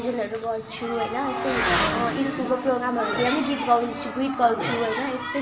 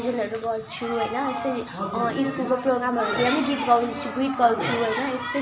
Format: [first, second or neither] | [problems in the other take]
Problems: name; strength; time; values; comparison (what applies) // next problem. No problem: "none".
second | background sound (Motorcycle / Accelerating, revving, vroom); 7 dB below the speech